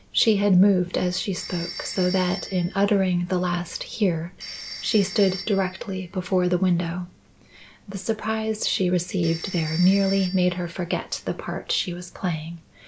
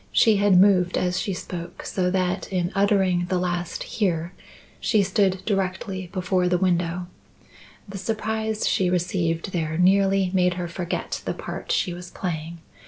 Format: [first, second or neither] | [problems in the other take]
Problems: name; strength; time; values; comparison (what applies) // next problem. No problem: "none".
second | background sound (Telephone); 16 dB below the speech